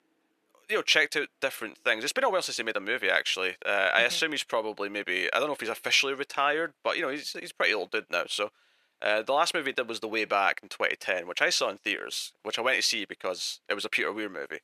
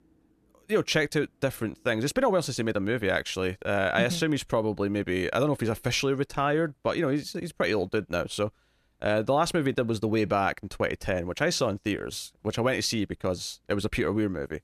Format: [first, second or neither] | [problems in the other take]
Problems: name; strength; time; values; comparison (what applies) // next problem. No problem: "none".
second | thin; somewhat; fading below 500 Hz